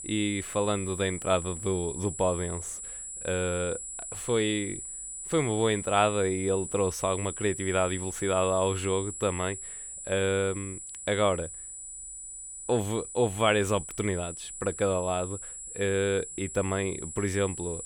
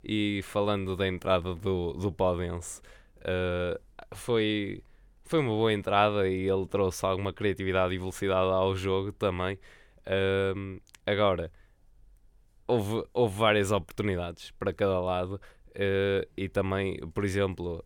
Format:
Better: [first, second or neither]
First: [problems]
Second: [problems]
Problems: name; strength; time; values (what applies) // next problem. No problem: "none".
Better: second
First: high-pitched whine; loud; throughout; 7.5 kHz, 8 dB below the speech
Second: none